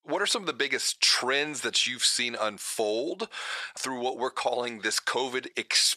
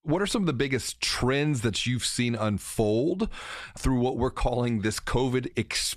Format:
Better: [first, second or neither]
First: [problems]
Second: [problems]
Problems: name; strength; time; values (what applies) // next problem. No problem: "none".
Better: second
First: thin; very; fading below 550 Hz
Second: none